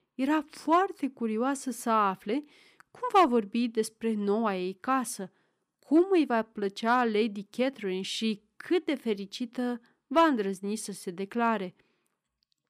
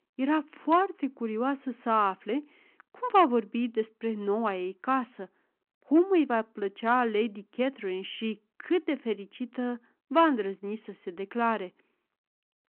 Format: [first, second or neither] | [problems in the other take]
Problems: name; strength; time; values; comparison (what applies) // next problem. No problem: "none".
first | phone-call audio